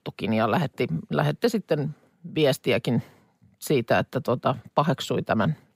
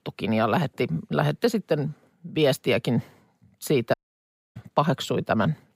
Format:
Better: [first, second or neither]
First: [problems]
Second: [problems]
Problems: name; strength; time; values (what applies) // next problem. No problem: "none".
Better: first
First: none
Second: audio cutting out; at 4 s for 0.5 s